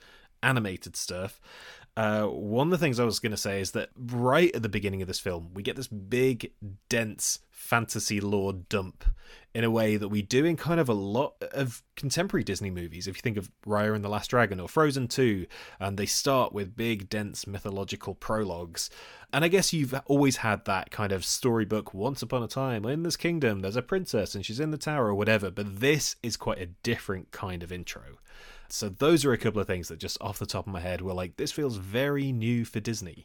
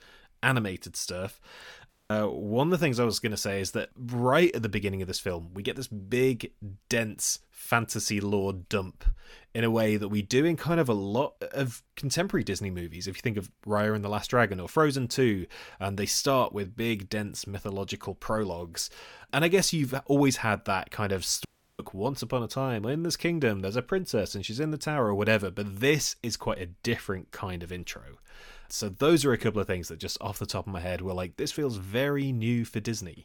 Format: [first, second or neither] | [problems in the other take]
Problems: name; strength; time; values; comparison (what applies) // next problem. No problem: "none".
first | audio cutting out; at 2 s and at 21 s